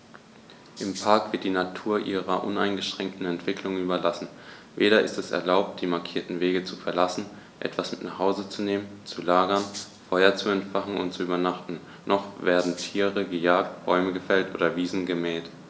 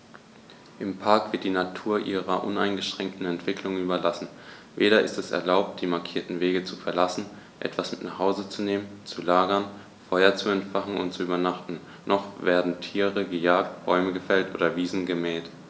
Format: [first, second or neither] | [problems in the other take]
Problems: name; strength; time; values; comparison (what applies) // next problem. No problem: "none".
second | background sound (Rattle (instrument)); 16 dB below the speech